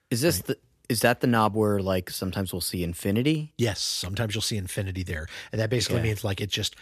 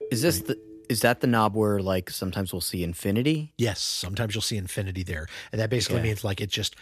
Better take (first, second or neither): first